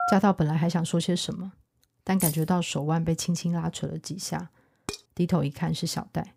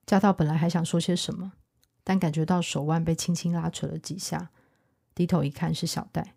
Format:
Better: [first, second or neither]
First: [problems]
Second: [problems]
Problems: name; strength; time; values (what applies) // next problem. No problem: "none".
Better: second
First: phone ringing; noticeable; at the start; peak 3 dB below the speech // jangling keys; noticeable; at 2 s; peak 2 dB below the speech // clattering dishes; faint; at 5 s; peak 10 dB below the speech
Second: none